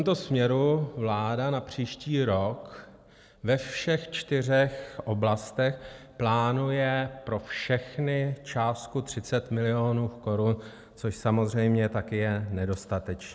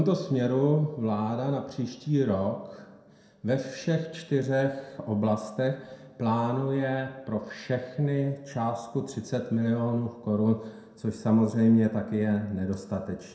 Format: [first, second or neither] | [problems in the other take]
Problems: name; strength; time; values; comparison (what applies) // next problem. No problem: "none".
first | room echo; dies away in 0.6 s